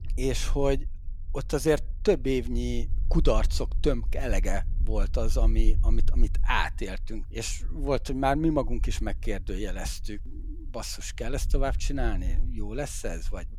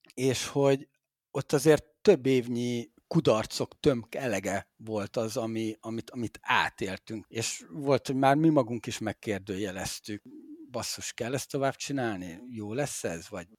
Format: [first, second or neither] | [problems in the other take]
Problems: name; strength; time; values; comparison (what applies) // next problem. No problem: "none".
second | low rumble; faint; throughout; 25 dB below the speech